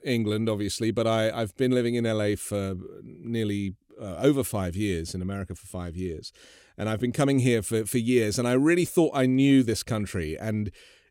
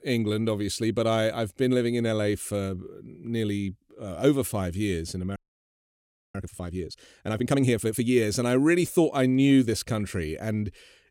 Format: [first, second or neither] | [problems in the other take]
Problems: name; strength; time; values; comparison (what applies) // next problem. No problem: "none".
first | audio freezing; at 5.5 s for 1 s